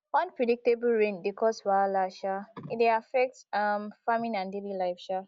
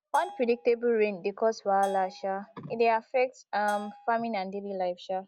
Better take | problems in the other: first | background sound (Bell); 18 dB below the speech

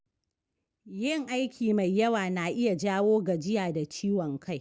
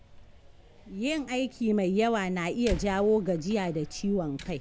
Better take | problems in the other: first | background sound (Slam); 14 dB below the speech

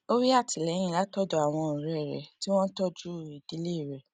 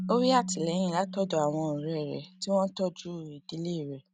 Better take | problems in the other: first | background sound (Keyboard (musical)); 11 dB below the speech

